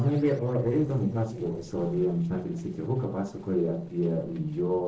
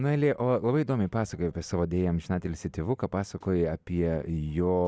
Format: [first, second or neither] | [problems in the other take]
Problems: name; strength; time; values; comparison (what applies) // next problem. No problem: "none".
second | noise reduction (neural separator model SepFormer DNS4)